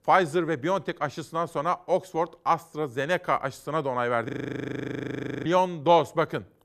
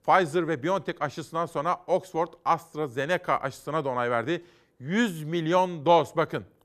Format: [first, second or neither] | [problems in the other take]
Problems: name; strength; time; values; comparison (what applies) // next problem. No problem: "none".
second | audio freezing; at 4.5 s for 1 s